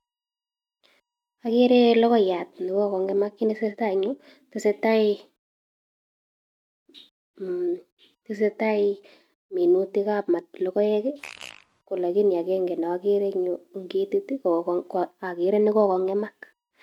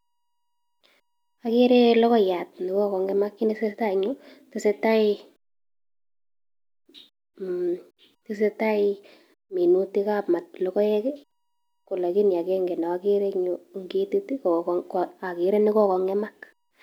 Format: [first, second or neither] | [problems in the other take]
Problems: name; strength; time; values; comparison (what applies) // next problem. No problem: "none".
second | noise reduction (neural mask model RNNoise)